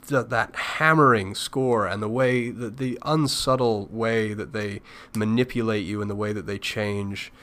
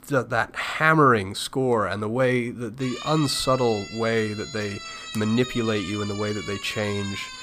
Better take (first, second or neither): first